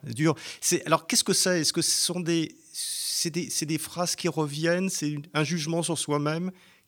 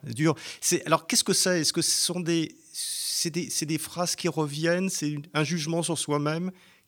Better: neither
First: none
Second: none

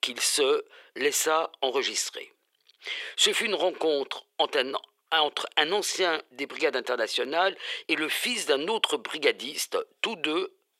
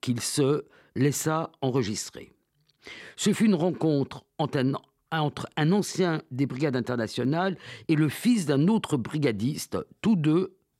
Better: second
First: thin; very; fading below 450 Hz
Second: none

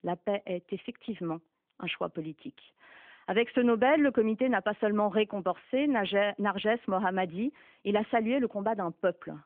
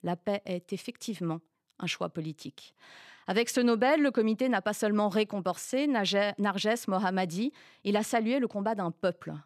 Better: second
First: phone-call audio; nothing above 3.5 kHz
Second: none

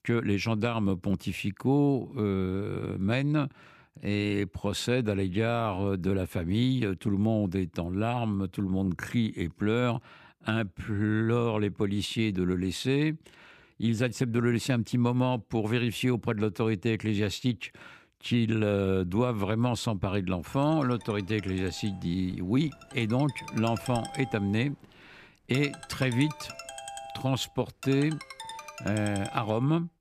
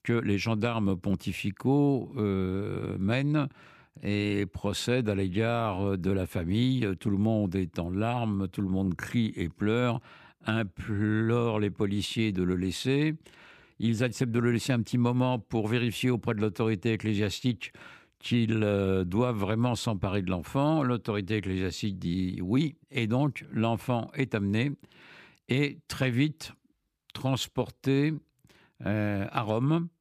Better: second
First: phone ringing; faint; from 21 s on; peak 10 dB below the speech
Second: none

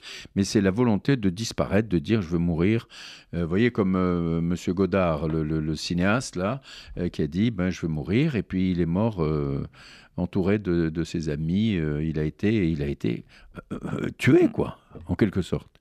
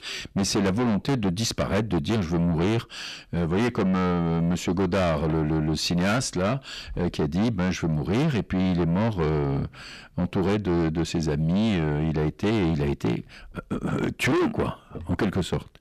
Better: first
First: none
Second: distortion; heavy; 6 dB below the speech

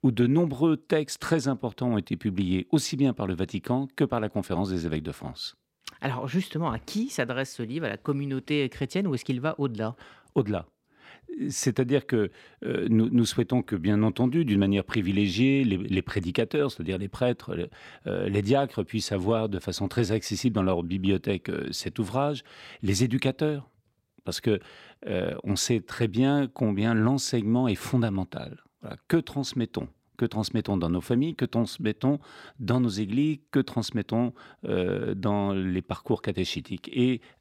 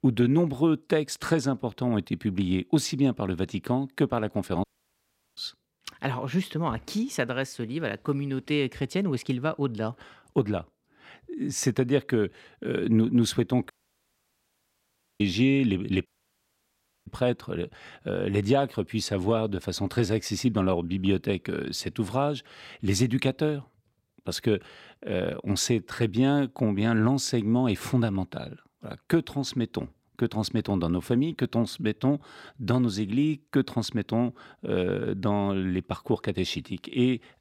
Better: first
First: none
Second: audio cutting out; at 4.5 s for 0.5 s, at 14 s for 1.5 s and at 16 s for 1 s

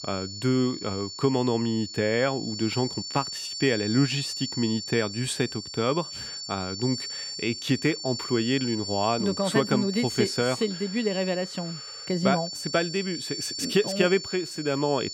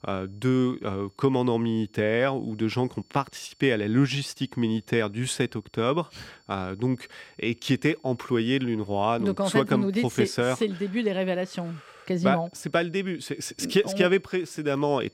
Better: second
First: high-pitched whine; loud; throughout; 4.5 kHz, 7 dB below the speech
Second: high-pitched whine; faint; throughout; 4.5 kHz, 35 dB below the speech

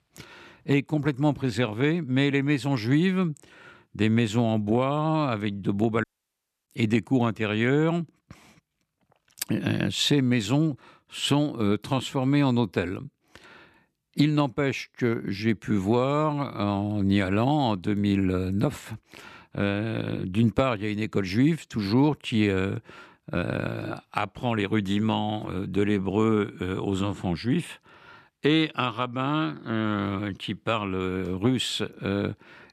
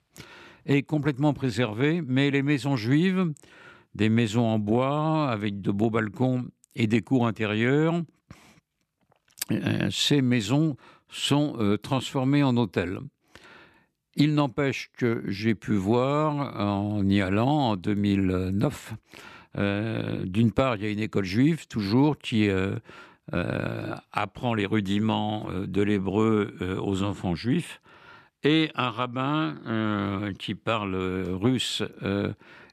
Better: second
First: audio cutting out; at 6 s for 0.5 s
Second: none

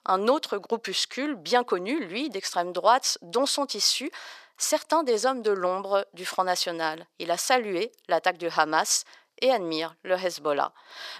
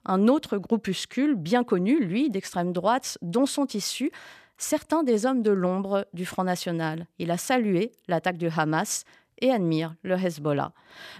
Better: second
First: thin; somewhat; fading below 550 Hz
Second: none

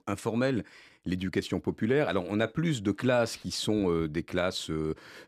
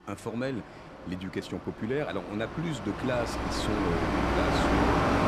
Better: first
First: none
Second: machinery noise; very loud; throughout; 5 dB above the speech

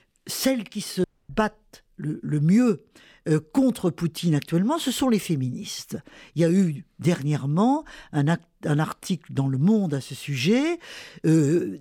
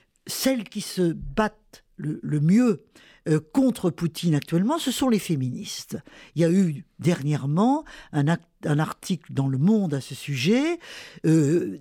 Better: second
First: audio cutting out; at 1 s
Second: none

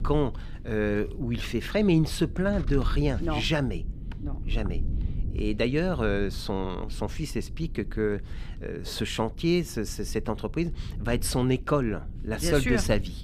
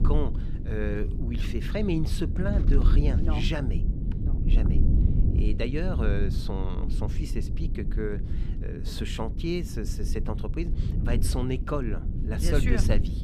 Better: first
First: low rumble; faint; throughout; 20 dB below the speech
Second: low rumble; loud; throughout; 7 dB below the speech

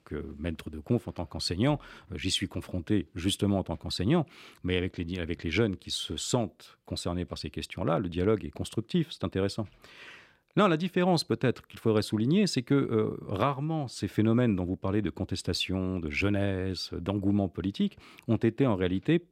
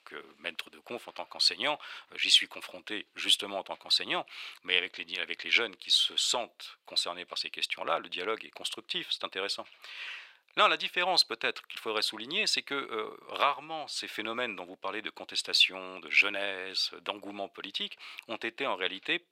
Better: first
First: none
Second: thin; very; fading below 850 Hz

